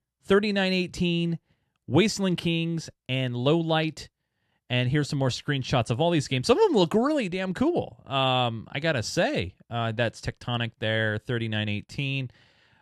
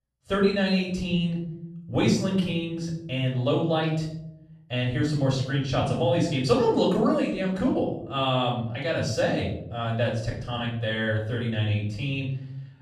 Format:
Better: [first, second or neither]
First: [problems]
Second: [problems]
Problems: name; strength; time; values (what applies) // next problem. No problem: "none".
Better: first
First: none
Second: off-mic speech; far // room echo; noticeable; dies away in 0.8 s